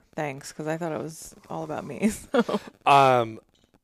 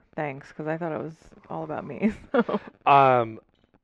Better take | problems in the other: first | muffled; very; fading above 2 kHz

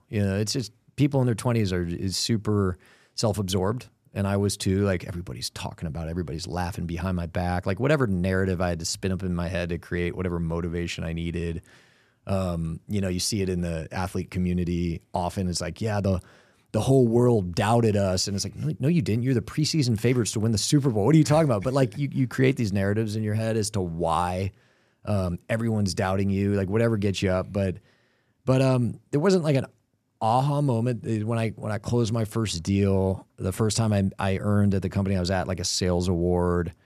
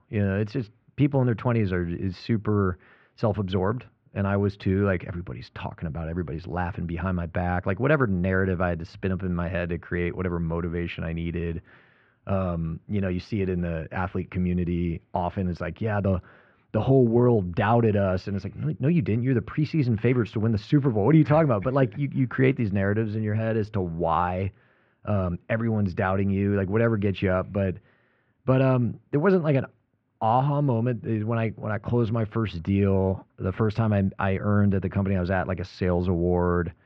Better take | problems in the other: first | muffled; very; fading above 3 kHz

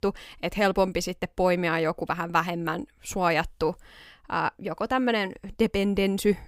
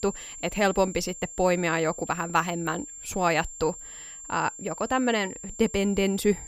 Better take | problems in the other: first | high-pitched whine; noticeable; throughout; 7.5 kHz, 10 dB below the speech

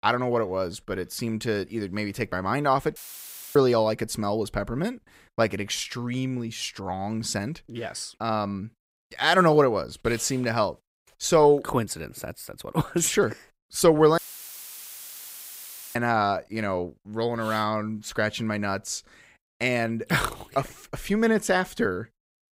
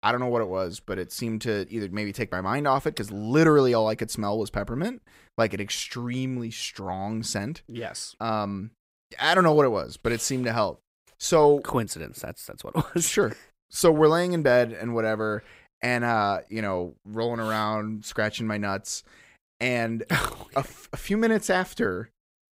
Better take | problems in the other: second | audio cutting out; filled with static; at 3 s for 0.5 s and at 14 s for 2 s

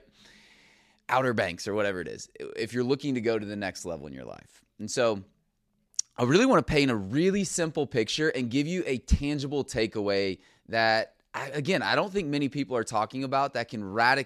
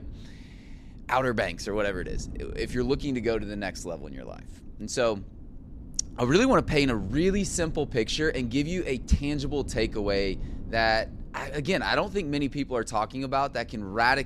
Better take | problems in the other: first | low rumble; faint; throughout; 25 dB below the speech

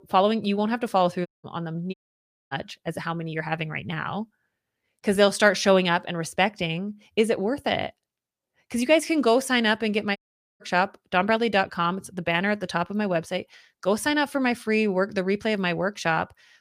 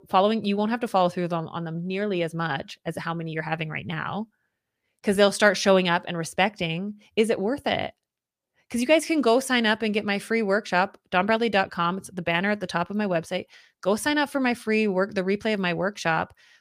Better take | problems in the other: second | audio cutting out; at 1.5 s, at 2 s for 0.5 s and at 10 s

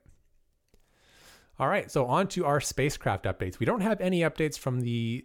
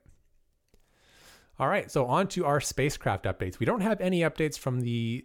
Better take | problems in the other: neither | none

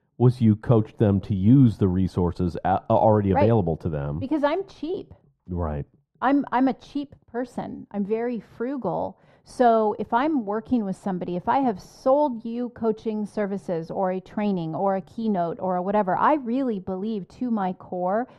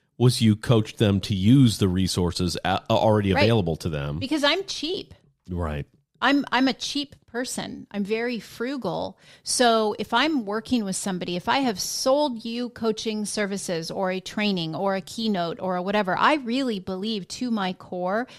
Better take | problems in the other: second | muffled; very; fading above 2 kHz

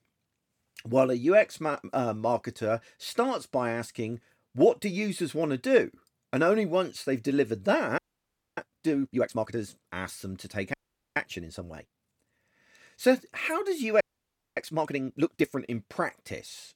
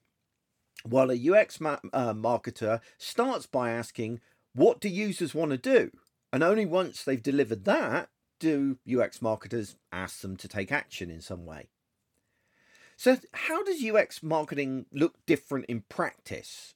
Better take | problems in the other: second | audio freezing; at 8 s for 0.5 s, at 11 s and at 14 s for 0.5 s

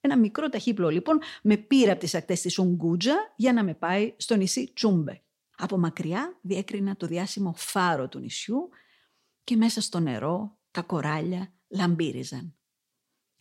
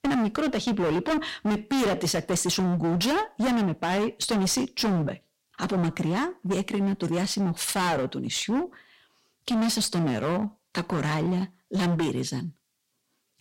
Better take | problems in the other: first | distortion; heavy; 26% of the sound clipped

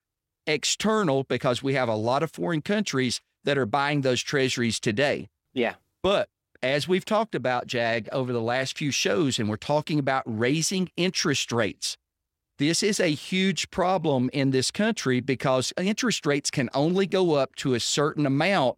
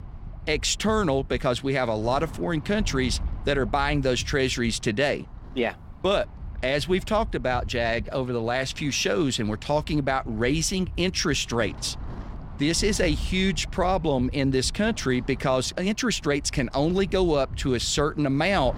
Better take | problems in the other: first | wind noise on the microphone; occasional gusts; 25 dB below the speech

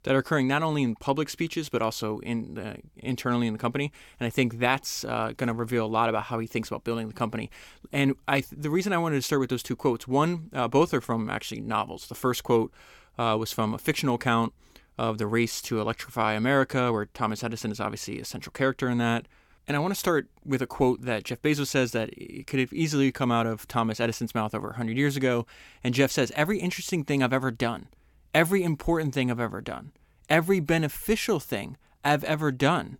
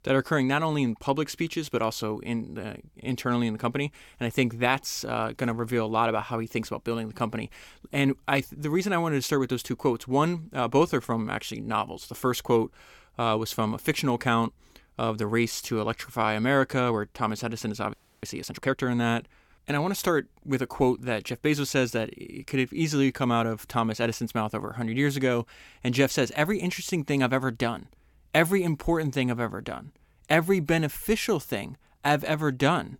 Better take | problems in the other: first | audio freezing; at 18 s

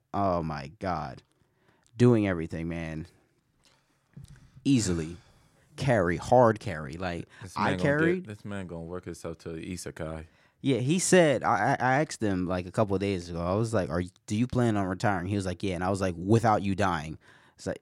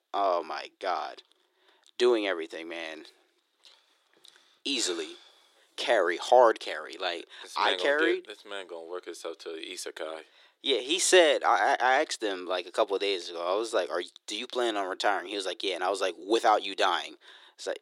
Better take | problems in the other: first | thin; very; fading below 350 Hz

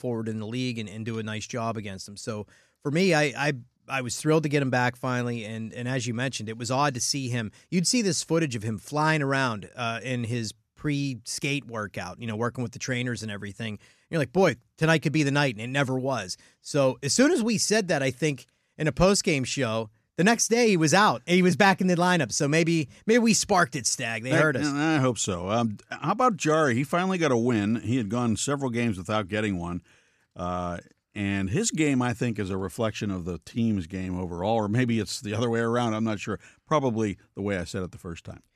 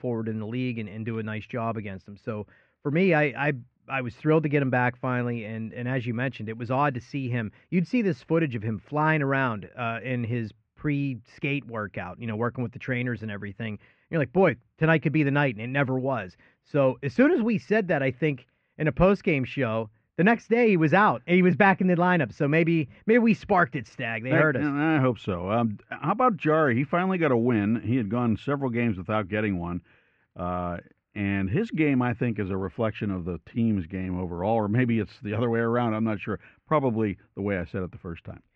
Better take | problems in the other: first | muffled; very; fading above 2.5 kHz

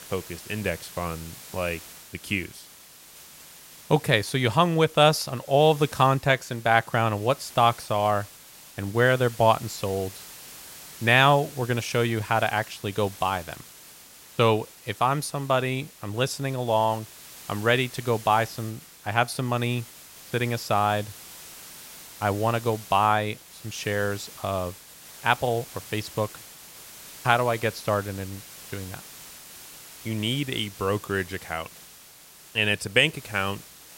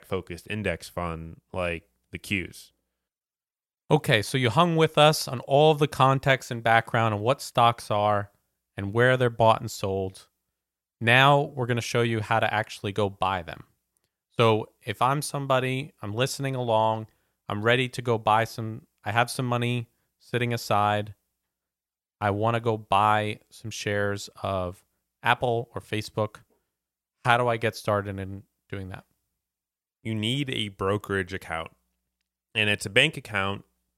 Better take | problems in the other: second | hiss; noticeable; throughout; 20 dB below the speech

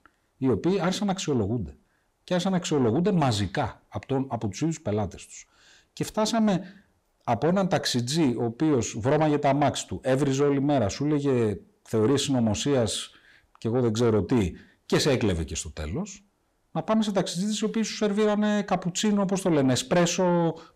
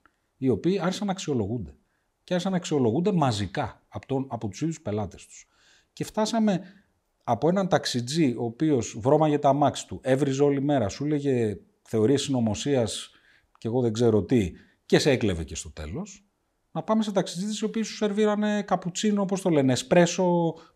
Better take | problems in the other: second | distortion; slight; 10 dB below the speech

